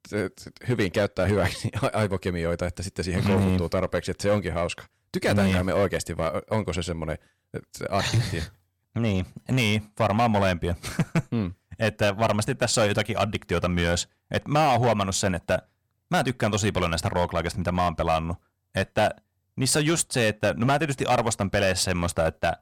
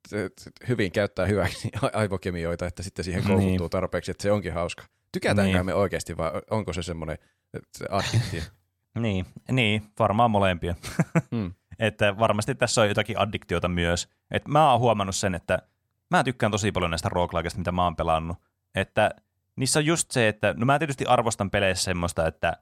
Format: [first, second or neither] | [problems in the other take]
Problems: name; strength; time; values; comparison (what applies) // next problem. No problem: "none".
second | distortion; slight; 6% of the sound clipped